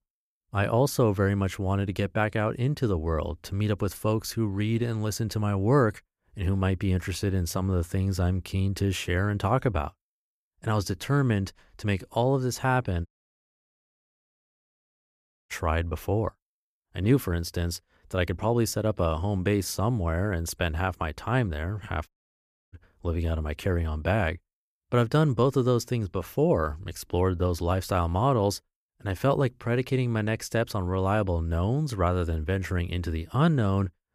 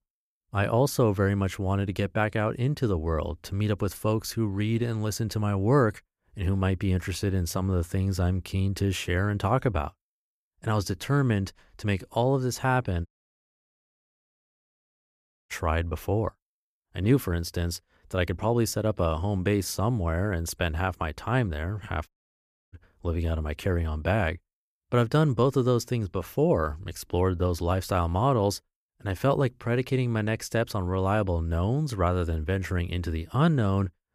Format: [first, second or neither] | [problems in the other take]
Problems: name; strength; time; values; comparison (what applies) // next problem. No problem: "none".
neither | audio cutting out; at 13 s for 2.5 s and at 22 s for 0.5 s; the same in both